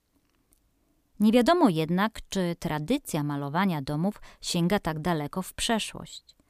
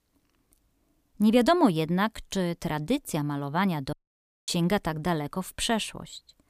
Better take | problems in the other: first | audio cutting out; at 4 s for 0.5 s

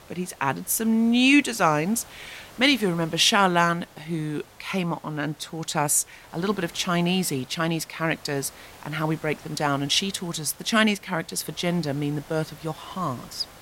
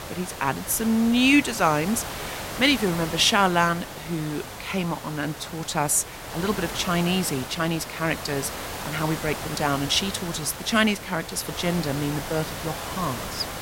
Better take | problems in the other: first | hiss; loud; throughout; 9 dB below the speech; faint in the first

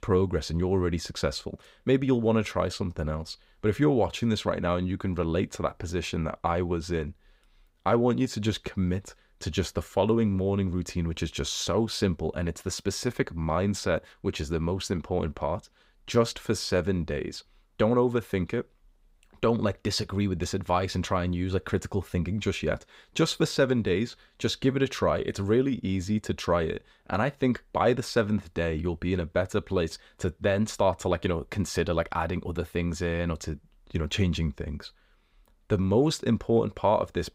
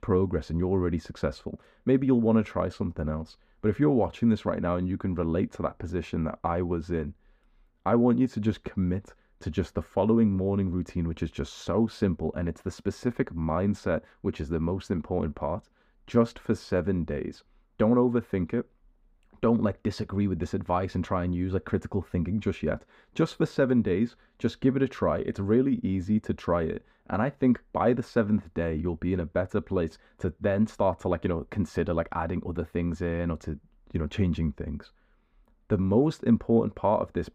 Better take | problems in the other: first | muffled; slightly; fading above 2.5 kHz

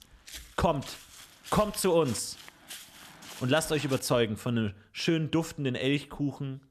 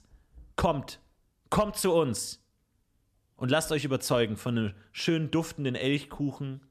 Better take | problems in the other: second | footsteps; faint; until 4 s; peak 15 dB below the speech

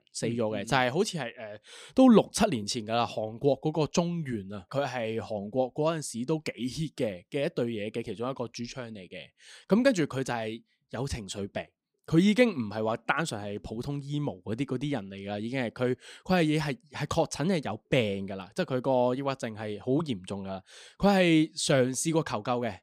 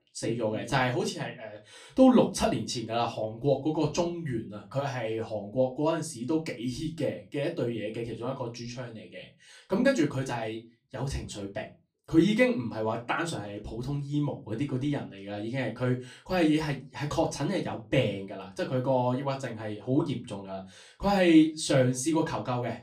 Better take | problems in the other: first | off-mic speech; far // room echo; very slight; dies away in 0.2 s

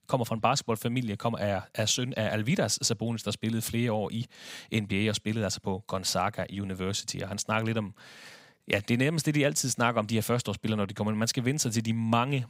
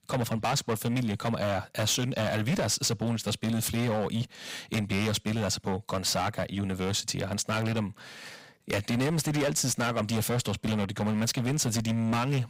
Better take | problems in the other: first | distortion; heavy; 16% of the sound clipped

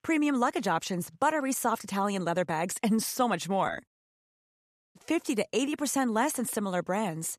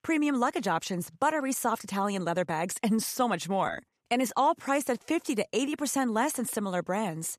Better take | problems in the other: second | audio cutting out; at 4 s for 1 s

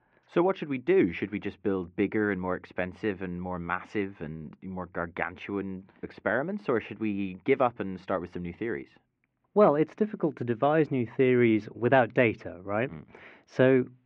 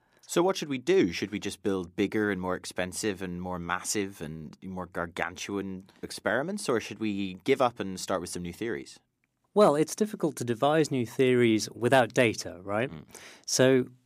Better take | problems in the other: second | muffled; very; fading above 2.5 kHz

